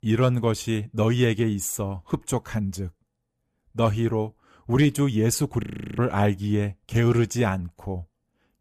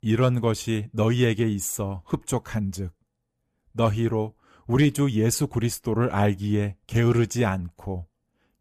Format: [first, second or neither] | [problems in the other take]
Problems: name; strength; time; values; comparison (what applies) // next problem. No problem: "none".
second | audio freezing; at 5.5 s